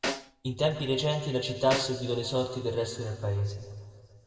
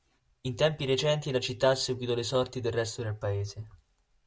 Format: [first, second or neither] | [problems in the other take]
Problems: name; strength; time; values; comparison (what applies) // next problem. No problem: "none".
second | background sound (Snare drum); 9 dB below the speech // room echo; dies away in 1.8 s